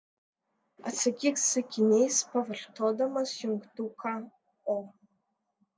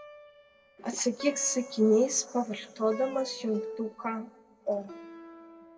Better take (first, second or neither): first